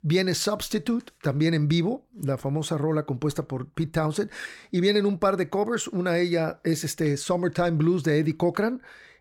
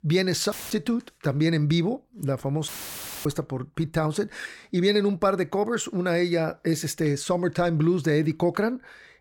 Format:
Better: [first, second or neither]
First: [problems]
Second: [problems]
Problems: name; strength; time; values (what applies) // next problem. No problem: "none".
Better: first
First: none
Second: audio cutting out; filled with static; at 0.5 s and at 2.5 s for 0.5 s